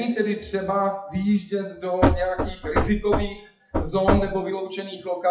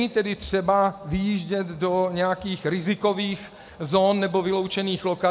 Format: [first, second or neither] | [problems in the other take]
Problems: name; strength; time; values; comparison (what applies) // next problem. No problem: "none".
second | noise reduction (classical method WPE with log-MMSE)